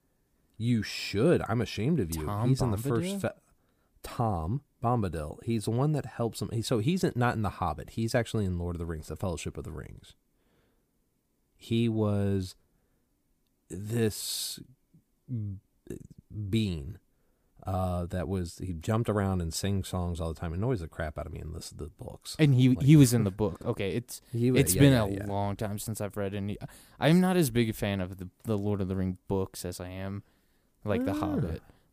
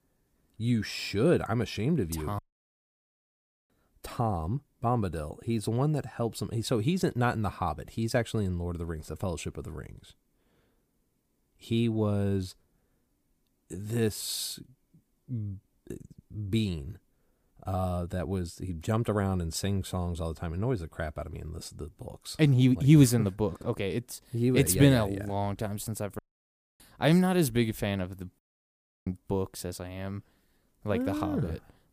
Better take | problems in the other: first | audio cutting out; at 2.5 s for 1.5 s, at 26 s for 0.5 s and at 28 s for 0.5 s

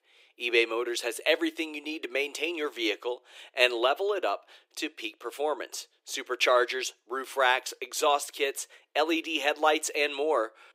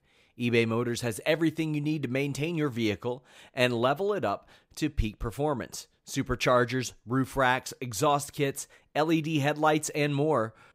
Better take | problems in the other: second | thin; very; fading below 350 Hz

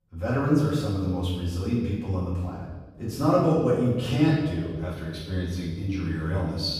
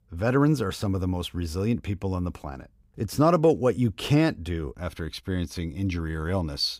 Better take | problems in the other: second | off-mic speech; far // room echo; strong; dies away in 1.1 s

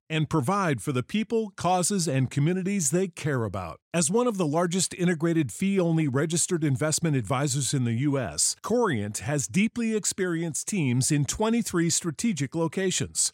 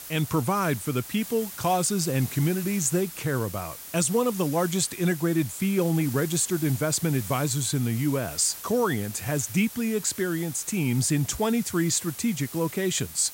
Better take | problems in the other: first | hiss; noticeable; throughout; 10 dB below the speech

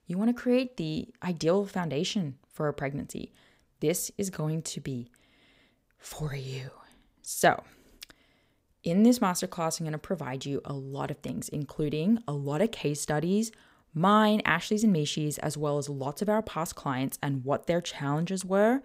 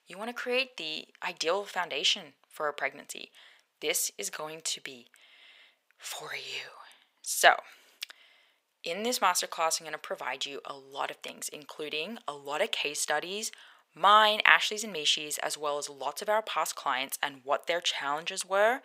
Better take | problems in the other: first | thin; very; fading below 800 Hz

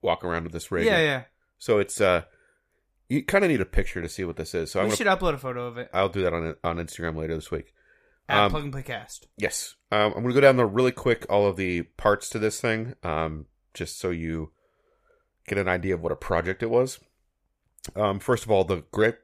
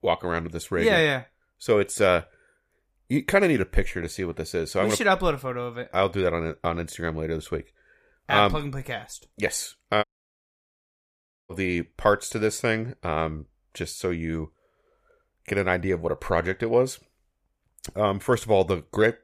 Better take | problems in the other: first | audio cutting out; at 10 s for 1.5 s

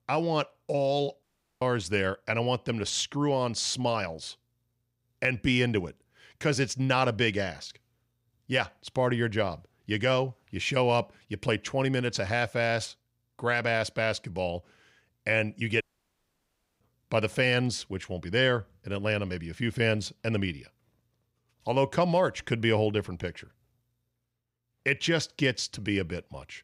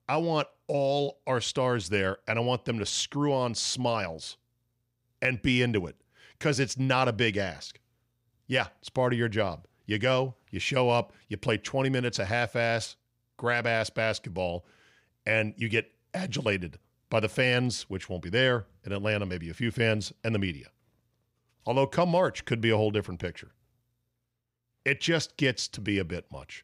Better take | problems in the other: second | audio cutting out; at 1 s and at 16 s for 1 s

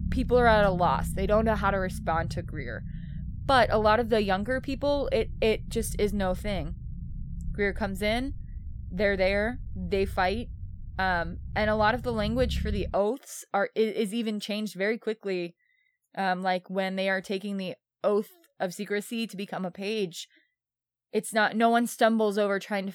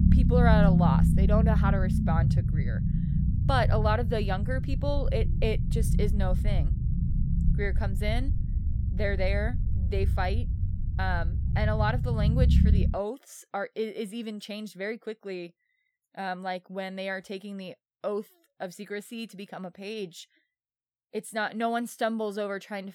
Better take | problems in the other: first | low rumble; loud; until 13 s; 7 dB below the speech; faint in the first

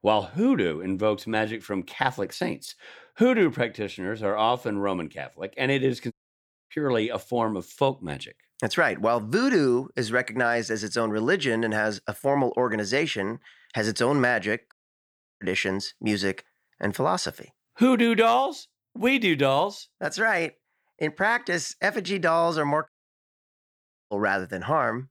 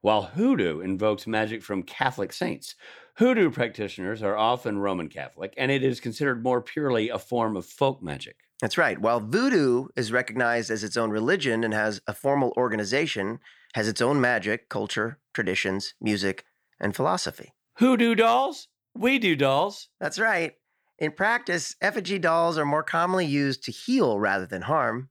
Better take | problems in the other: second | audio cutting out; at 6 s for 0.5 s, at 15 s for 0.5 s and at 23 s for 1 s

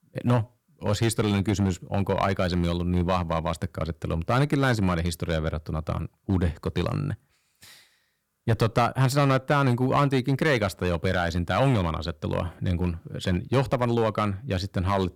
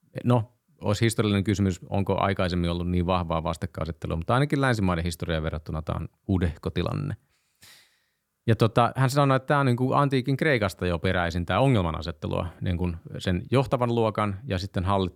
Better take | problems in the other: second | distortion; slight; 4% of the sound clipped

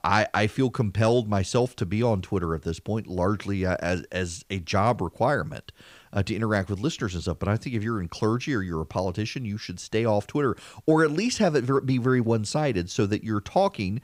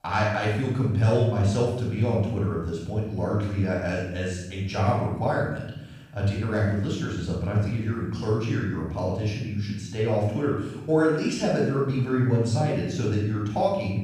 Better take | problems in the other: first | off-mic speech; far // room echo; noticeable; dies away in 1 s

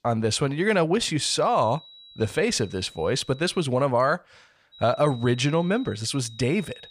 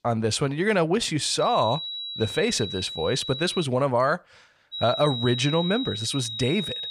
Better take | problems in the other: first | high-pitched whine; loud; from 1.5 to 3.5 s and from 4.5 s on; 4 kHz, 6 dB below the speech; faint in the first

